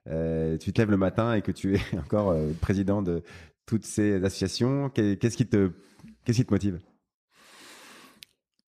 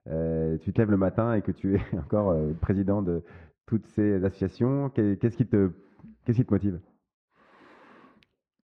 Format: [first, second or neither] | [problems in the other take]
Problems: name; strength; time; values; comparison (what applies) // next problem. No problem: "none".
first | muffled; very; fading above 3.5 kHz